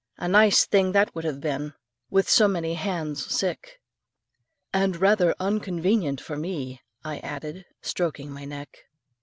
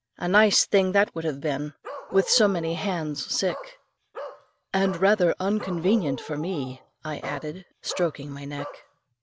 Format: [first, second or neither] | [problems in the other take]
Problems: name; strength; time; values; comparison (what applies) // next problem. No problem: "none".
first | background sound (Bark); 14 dB below the speech